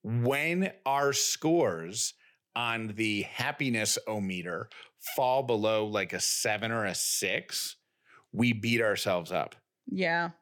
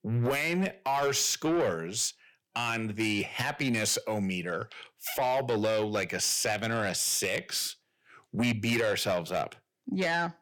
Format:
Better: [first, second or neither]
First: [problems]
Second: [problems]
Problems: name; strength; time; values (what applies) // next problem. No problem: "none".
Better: first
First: none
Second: distortion; slight; 10 dB below the speech